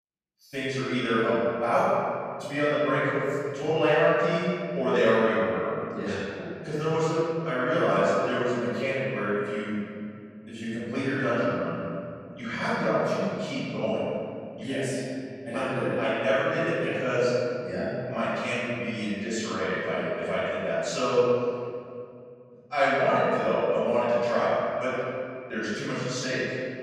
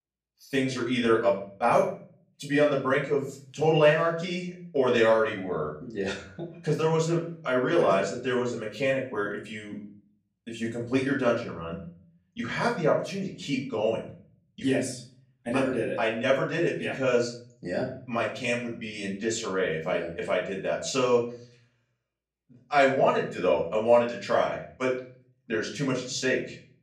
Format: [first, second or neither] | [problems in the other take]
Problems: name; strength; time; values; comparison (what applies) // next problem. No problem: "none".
second | room echo; strong; dies away in 2.3 s; slight in the second // off-mic speech; far; far in the second